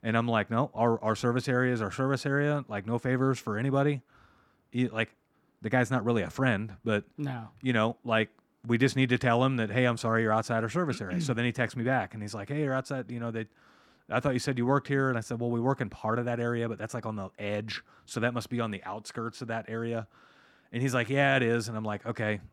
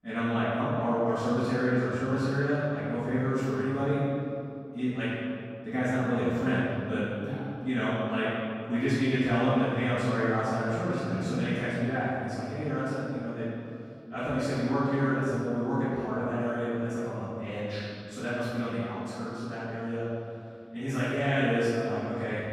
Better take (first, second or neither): first